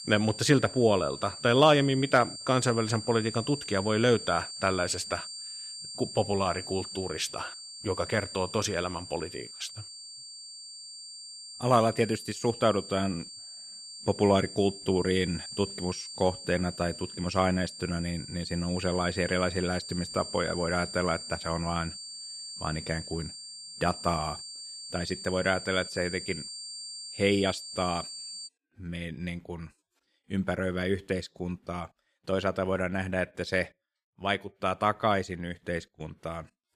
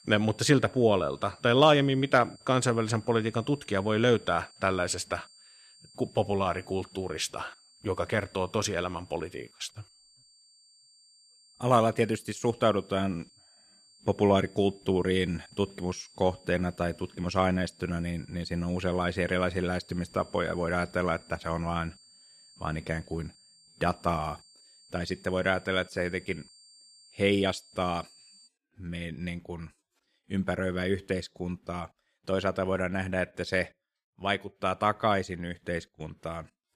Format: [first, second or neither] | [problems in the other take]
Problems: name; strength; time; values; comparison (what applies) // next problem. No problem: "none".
second | high-pitched whine; loud; until 28 s; 4.5 kHz, 10 dB below the speech; faint in the second